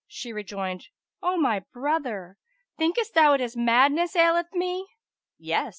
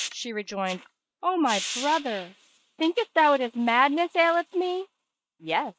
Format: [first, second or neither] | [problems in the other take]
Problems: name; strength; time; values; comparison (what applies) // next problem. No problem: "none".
first | noise reduction (neural mask model RNNoise)